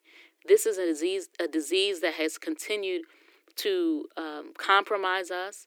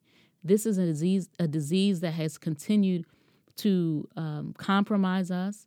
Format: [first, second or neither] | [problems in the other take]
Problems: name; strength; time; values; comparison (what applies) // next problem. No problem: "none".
second | thin; very; fading below 300 Hz